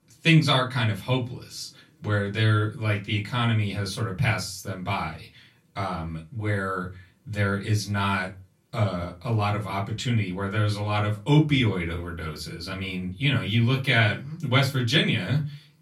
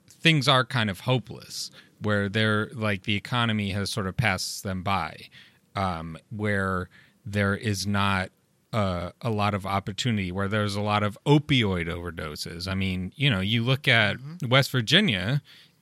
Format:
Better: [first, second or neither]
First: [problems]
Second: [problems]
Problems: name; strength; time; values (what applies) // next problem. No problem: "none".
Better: second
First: off-mic speech; far // room echo; very slight; dies away in 0.2 s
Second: none